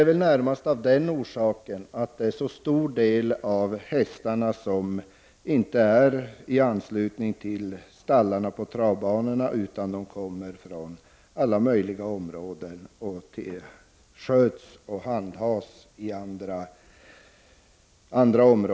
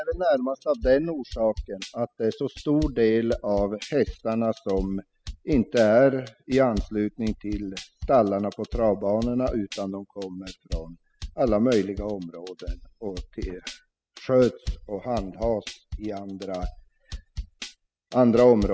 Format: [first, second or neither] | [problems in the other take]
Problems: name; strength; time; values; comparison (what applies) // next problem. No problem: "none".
first | noise reduction (classical method spectral subtraction)